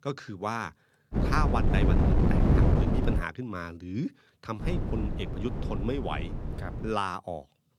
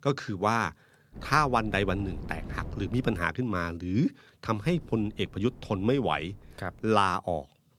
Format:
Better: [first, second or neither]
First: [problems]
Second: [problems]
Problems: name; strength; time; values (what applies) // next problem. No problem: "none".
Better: second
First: wind noise on the microphone; heavy; from 1 to 3 s and from 4.5 to 7 s; 1 dB below the speech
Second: wind noise on the microphone; occasional gusts; from 1 to 3 s and from 4.5 to 7 s; 25 dB below the speech